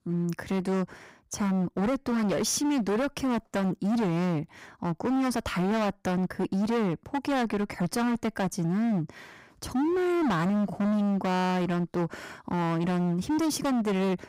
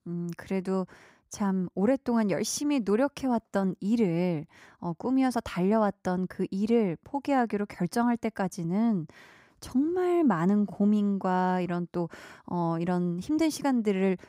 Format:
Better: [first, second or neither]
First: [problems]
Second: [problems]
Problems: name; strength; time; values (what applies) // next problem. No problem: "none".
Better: second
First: distortion; heavy; 29% of the sound clipped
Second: none